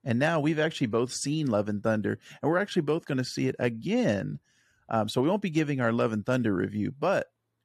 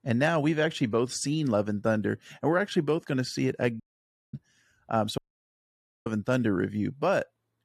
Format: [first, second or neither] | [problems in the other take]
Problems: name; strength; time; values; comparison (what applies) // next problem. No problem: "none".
first | audio cutting out; at 4 s for 0.5 s and at 5 s for 1 s